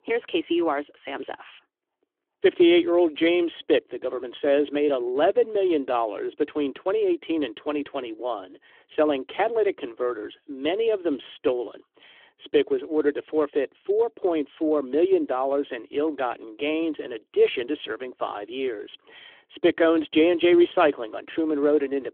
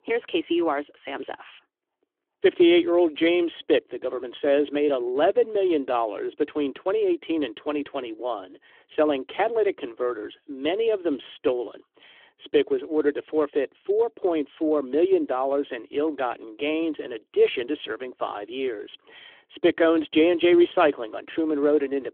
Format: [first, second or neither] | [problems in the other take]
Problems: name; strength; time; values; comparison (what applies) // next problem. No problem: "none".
neither | phone-call audio; nothing above 3.5 kHz; the same in both